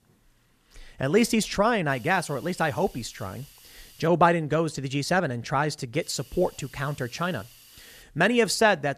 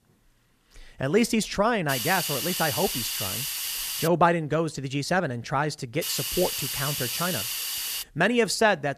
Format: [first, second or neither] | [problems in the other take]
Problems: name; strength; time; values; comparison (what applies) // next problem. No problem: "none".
first | hiss; loud; from 2 to 4 s and from 6 to 8 s; 2 dB below the speech; faint in the first